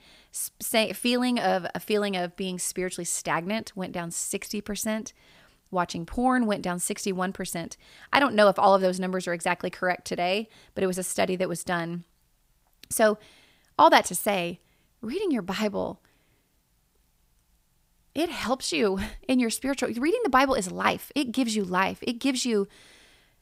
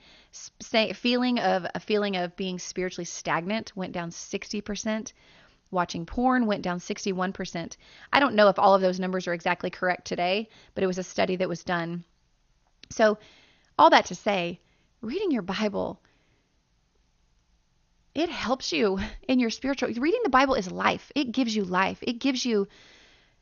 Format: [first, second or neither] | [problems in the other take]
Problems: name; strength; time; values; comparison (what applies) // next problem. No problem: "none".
first | garbled, watery; slightly; nothing above 6.5 kHz